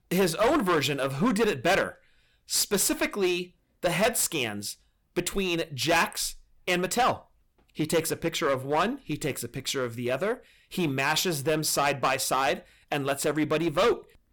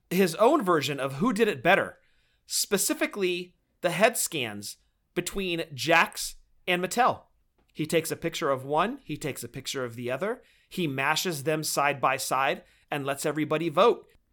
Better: second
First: distortion; heavy; 8% of the sound clipped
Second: none

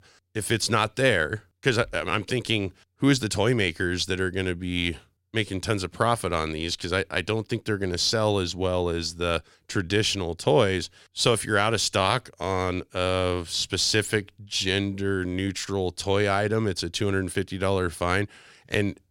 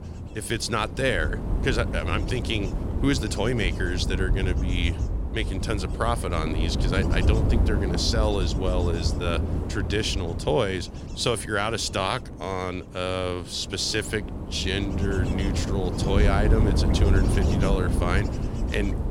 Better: first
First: none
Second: wind noise on the microphone; heavy; 8 dB below the speech

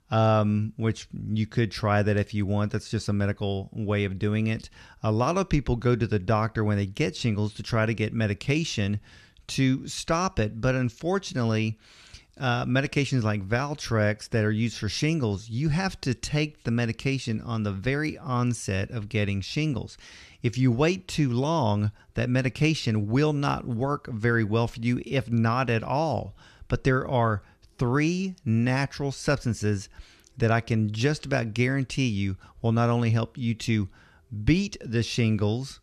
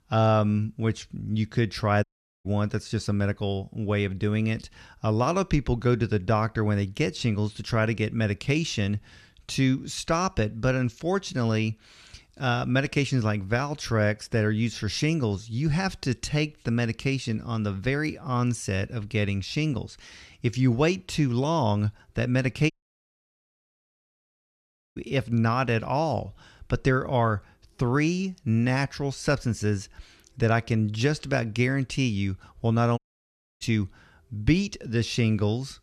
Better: first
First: none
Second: audio cutting out; at 2 s, at 23 s for 2.5 s and at 33 s for 0.5 s

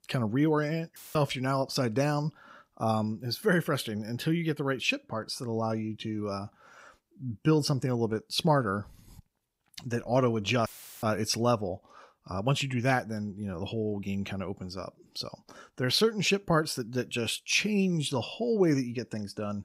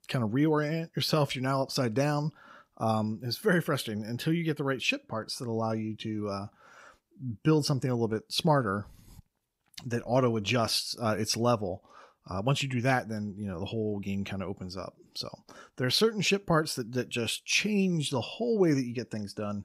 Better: second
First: audio cutting out; filled with static; at 1 s and at 11 s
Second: none

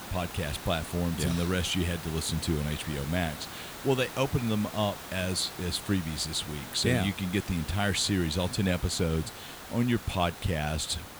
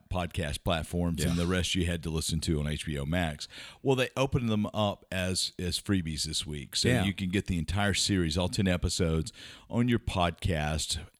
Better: second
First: hiss; noticeable; throughout; 10 dB below the speech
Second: none

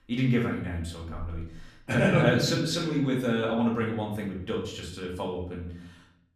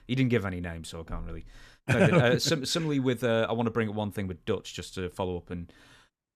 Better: second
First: off-mic speech; far // room echo; slight; dies away in 0.6 s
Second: none

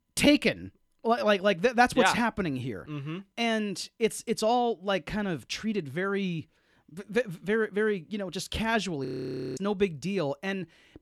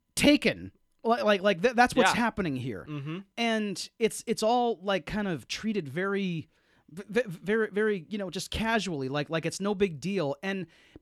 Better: second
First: audio freezing; at 9 s for 0.5 s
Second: none

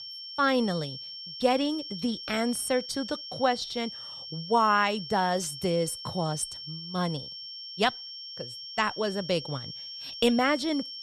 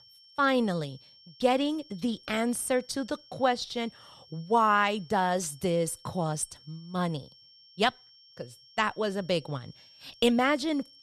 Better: second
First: high-pitched whine; loud; throughout; 5.5 kHz, 9 dB below the speech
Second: high-pitched whine; faint; throughout; 5.5 kHz, 25 dB below the speech

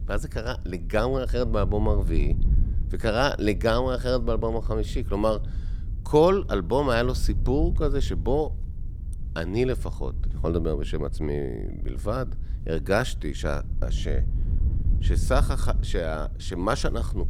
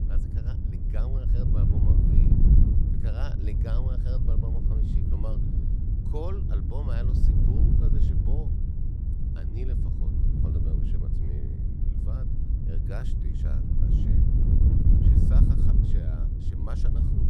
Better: first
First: wind noise on the microphone; occasional gusts; 20 dB below the speech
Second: wind noise on the microphone; heavy; 5 dB above the speech

